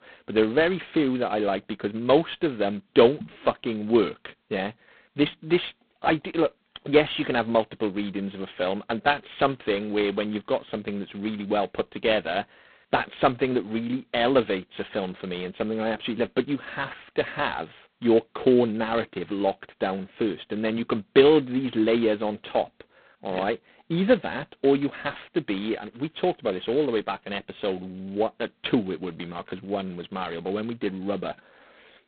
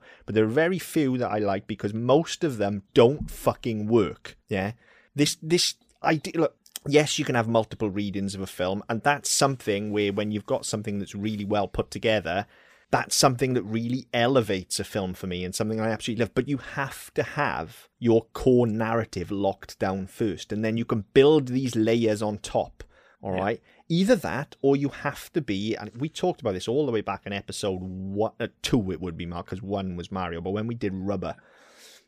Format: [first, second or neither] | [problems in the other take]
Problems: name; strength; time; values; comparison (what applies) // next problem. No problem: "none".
second | phone-call audio; poor line; nothing above 4 kHz